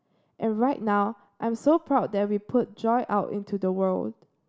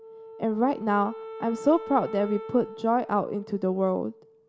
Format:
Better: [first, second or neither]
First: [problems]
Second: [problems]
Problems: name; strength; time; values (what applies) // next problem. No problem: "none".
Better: first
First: none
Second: background sound (Wind instrument, woodwind instrument); 14 dB below the speech